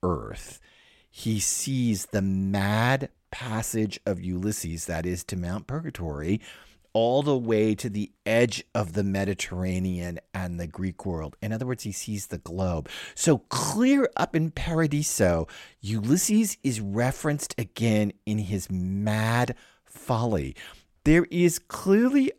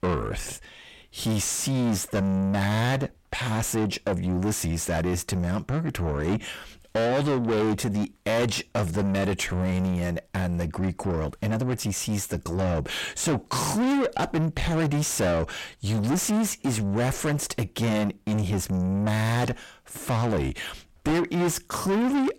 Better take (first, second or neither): first